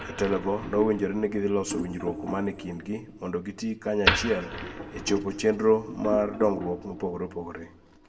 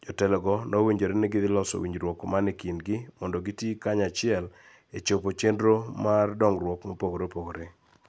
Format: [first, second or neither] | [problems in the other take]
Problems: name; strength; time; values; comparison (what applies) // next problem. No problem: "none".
second | background sound (Wood); 6 dB below the speech // room echo; dies away in 1.1 s